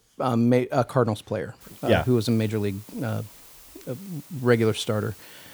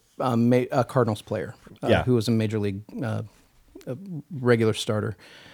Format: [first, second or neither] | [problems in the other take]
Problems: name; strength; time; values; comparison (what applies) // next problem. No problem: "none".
second | hiss; faint; from 1.5 s on; 20 dB below the speech